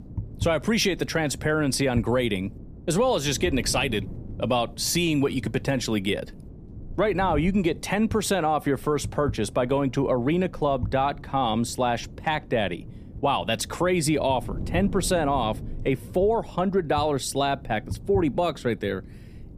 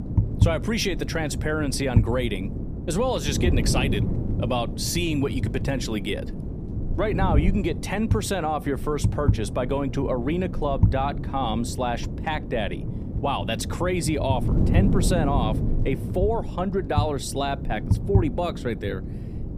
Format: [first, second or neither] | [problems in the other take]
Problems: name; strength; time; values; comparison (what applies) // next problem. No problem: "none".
first | wind noise on the microphone; heavy; 10 dB below the speech; occasional gusts in the first